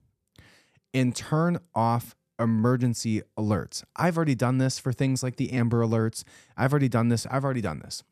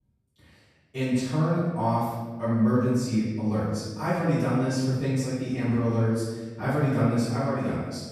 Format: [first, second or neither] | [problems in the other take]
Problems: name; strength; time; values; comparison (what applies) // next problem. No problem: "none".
first | off-mic speech; far // room echo; strong; dies away in 1.2 s